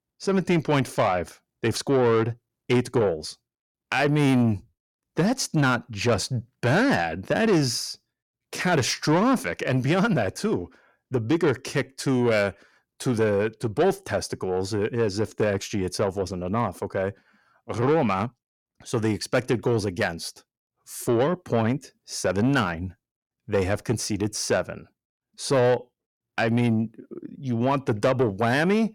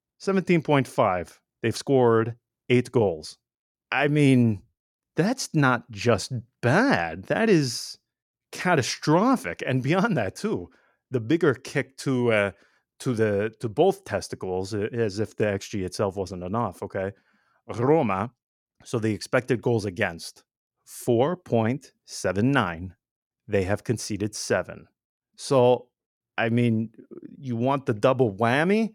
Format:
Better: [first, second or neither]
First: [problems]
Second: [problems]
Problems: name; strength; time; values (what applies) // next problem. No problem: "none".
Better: second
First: distortion; slight; 10 dB below the speech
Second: none